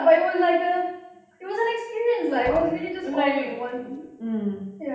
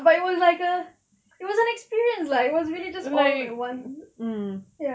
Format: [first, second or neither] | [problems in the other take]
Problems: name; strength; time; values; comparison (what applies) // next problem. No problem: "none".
second | background sound (Liquid); 16 dB below the speech // room echo; dies away in 0.8 s